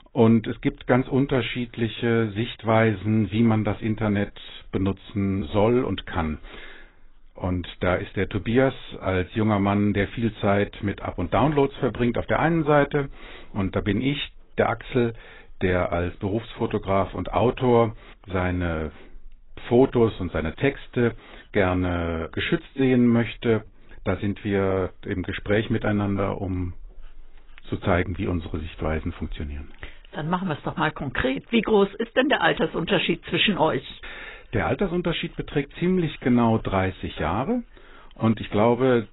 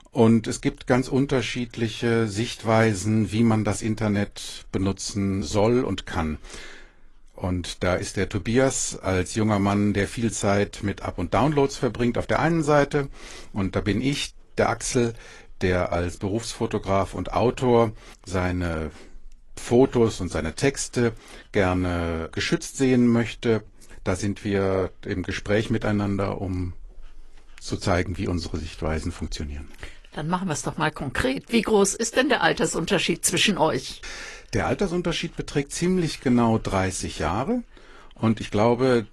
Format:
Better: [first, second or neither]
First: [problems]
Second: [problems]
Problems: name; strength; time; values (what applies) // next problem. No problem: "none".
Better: second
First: garbled, watery; badly; nothing above 4 kHz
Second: garbled, watery; slightly; nothing above 11 kHz